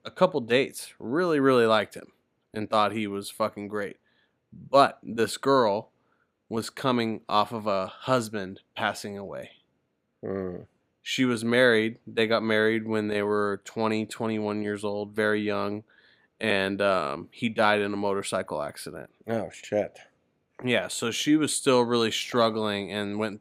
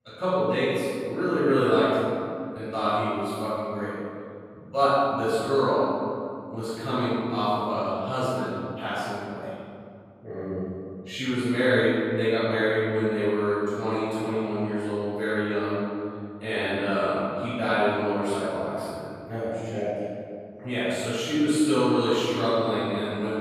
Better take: first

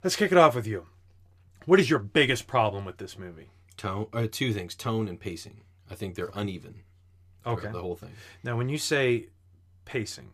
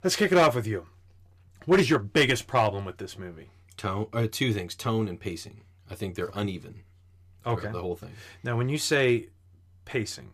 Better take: first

